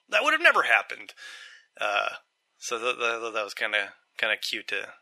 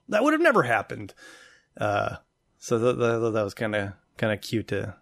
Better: second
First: thin; very; fading below 750 Hz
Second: none

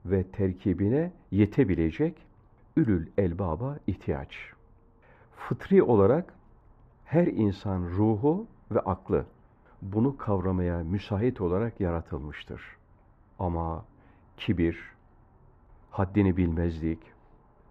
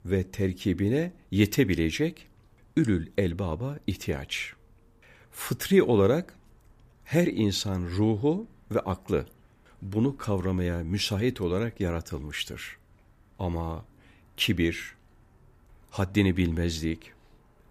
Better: second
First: muffled; very; fading above 3.5 kHz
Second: none

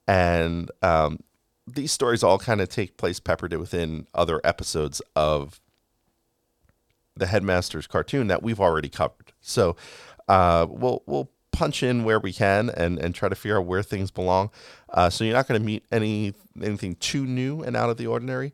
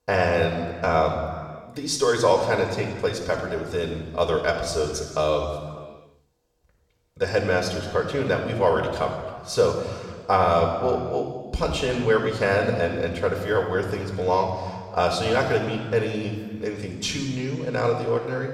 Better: first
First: none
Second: room echo; noticeable; dies away in 1.5 s // off-mic speech; somewhat distant

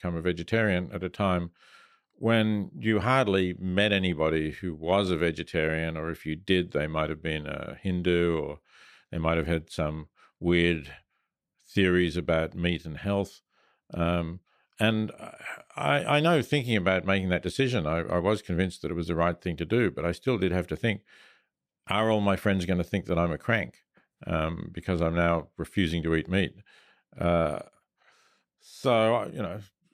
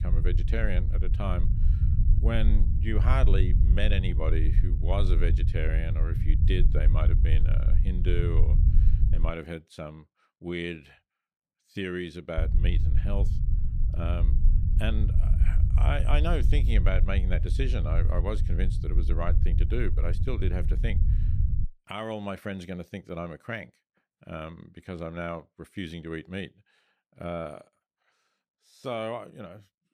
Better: first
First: none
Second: low rumble; loud; until 9.5 s and from 12 to 22 s; 8 dB below the speech

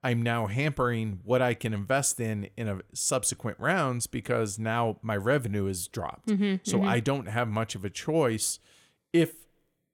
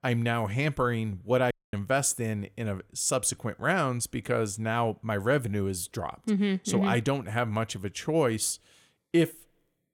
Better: first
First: none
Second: audio cutting out; at 1.5 s

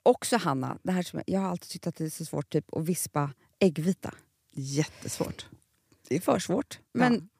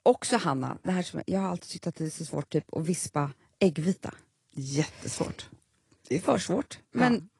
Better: first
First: none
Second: garbled, watery; slightly; nothing above 10.5 kHz

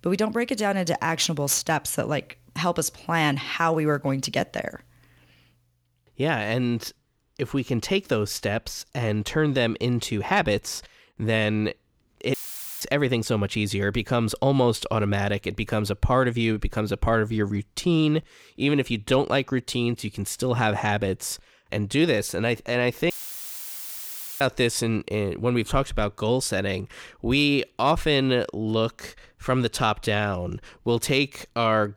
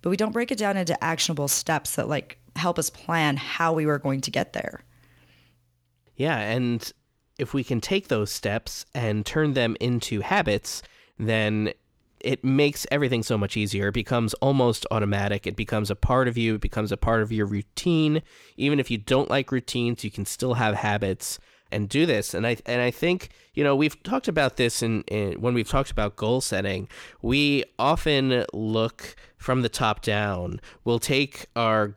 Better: second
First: audio cutting out; filled with static; at 12 s and at 23 s for 1.5 s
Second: none

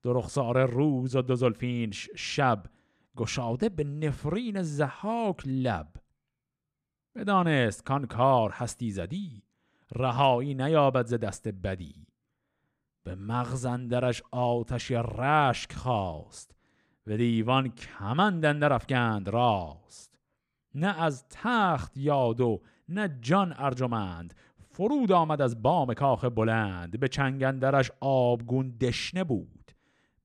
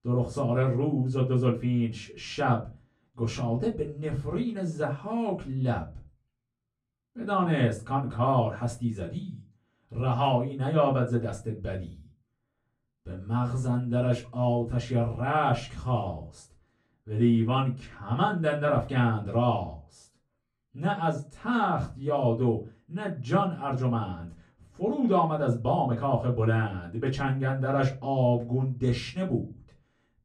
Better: first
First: none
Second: off-mic speech; far // room echo; very slight; dies away in 0.3 s

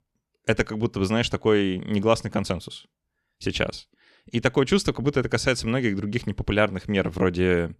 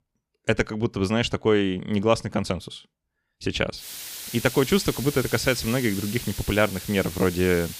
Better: first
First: none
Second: hiss; loud; from 4 s on; 10 dB below the speech

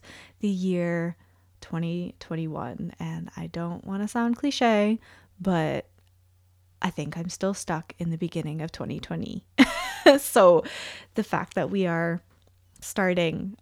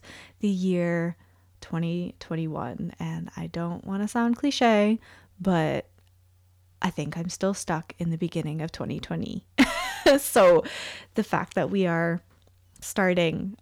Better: first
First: none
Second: distortion; slight; 0.8% of the sound clipped

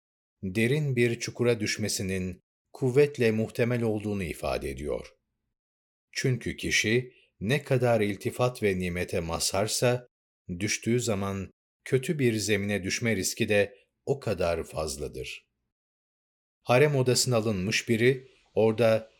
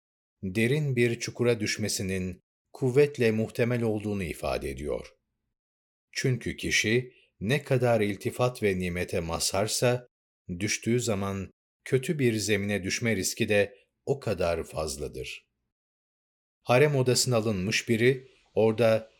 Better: neither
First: none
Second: none

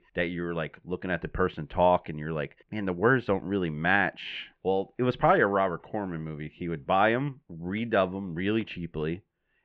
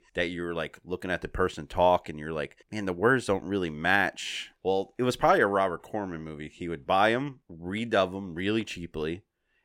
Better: second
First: muffled; very; fading above 3 kHz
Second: none

